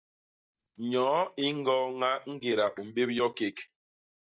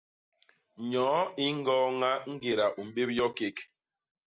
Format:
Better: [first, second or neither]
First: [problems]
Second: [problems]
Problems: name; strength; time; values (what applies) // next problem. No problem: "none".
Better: second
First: noise reduction (neural mask model DeepFilterNet 3)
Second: none